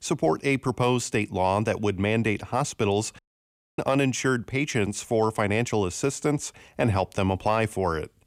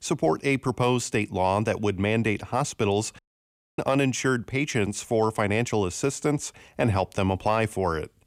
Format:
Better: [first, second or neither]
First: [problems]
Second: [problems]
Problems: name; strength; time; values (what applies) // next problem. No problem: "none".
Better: neither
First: audio cutting out; at 3 s for 0.5 s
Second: audio cutting out; at 3 s for 0.5 s